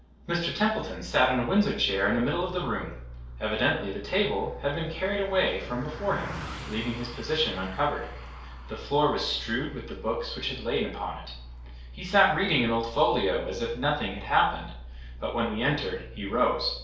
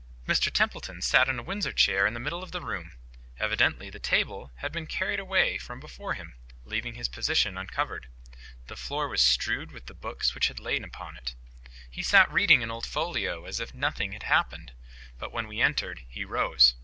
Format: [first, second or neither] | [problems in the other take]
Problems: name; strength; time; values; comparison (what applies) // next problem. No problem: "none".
second | background sound (Car passing by); 20 dB below the speech // room echo; dies away in 2.4 s